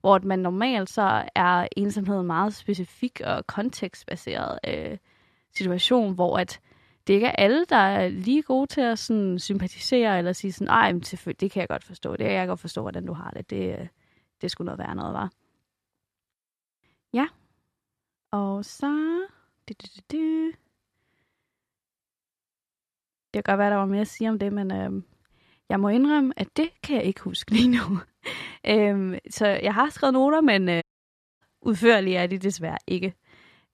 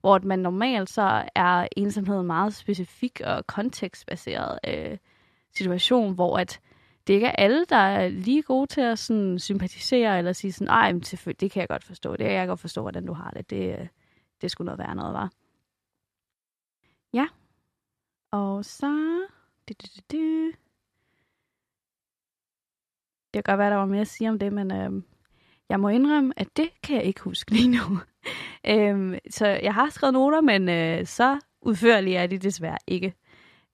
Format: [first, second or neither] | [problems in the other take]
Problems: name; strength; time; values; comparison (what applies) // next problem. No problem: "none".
second | audio cutting out; at 31 s for 0.5 s